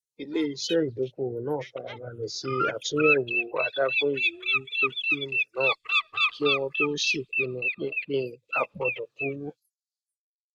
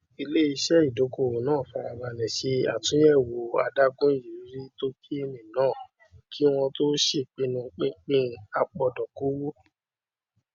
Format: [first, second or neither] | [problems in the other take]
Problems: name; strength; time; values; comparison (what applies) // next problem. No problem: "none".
second | noise reduction (neural mask model Resemble Enhance denoiser)